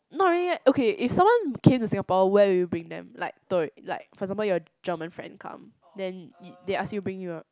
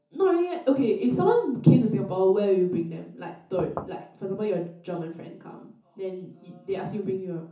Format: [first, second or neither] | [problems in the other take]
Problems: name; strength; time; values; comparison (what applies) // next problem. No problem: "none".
first | background sound (Knock / Wood); 11 dB below the speech // room echo; dies away in 0.6 s